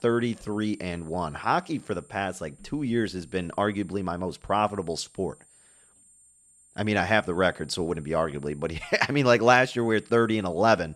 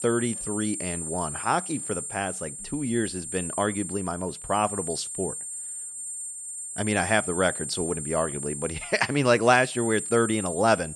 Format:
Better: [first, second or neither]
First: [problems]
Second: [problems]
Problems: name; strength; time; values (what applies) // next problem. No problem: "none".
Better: first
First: high-pitched whine; faint; throughout; 8.5 kHz, 30 dB below the speech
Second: high-pitched whine; loud; throughout; 8.5 kHz, 6 dB below the speech